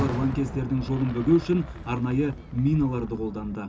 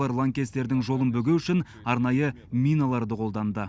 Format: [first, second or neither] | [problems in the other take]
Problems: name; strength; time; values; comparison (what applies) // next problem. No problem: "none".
second | background sound (Fireworks); 11 dB below the speech // room echo; dies away in 0.2 s